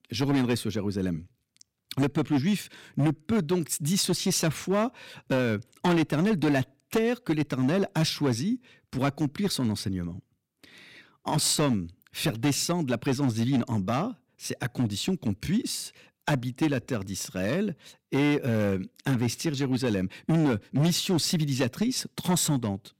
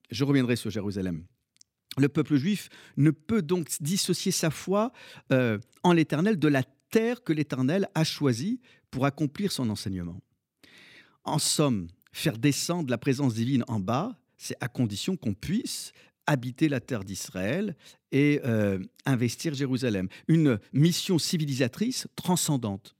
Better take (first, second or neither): second